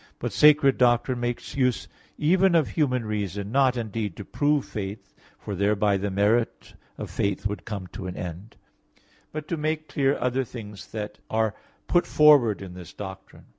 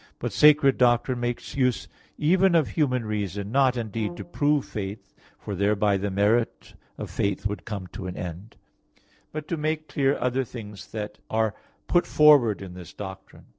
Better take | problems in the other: first | noise reduction (neural separator model SepFormer DNS4)

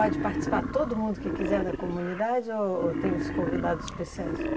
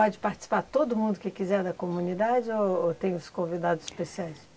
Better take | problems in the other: second | background sound (Wild animals); 2 dB below the speech

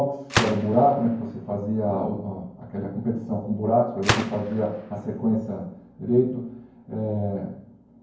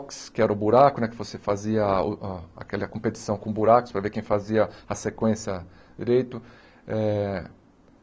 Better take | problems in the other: second | background sound (Gunshot, gunfire); 8 dB below the speech // room echo; dies away in 0.9 s

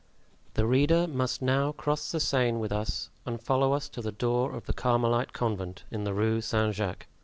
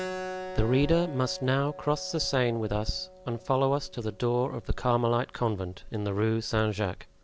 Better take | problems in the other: first | background sound (Keyboard (musical)); 15 dB below the speech

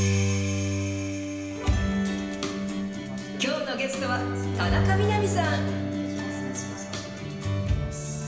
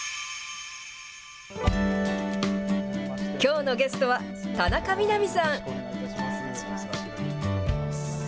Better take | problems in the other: second | background sound (Bowed string instrument); as loud as the speech // room echo; dies away in 1 s

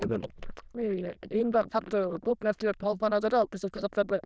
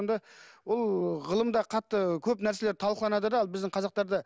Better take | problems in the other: second | noise reduction (neural diffusion model UNIVERSE++)

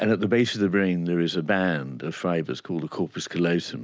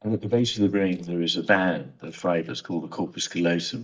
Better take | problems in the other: first | noise reduction (neural mask model DeepFilterNet 3)

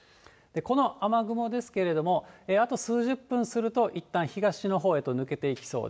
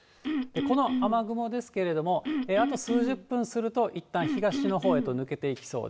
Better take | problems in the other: first | background sound (Cough); 2 dB below the speech

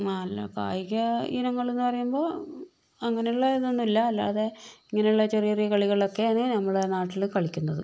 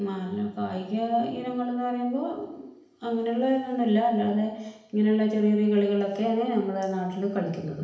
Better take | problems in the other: first | room echo; dies away in 0.8 s

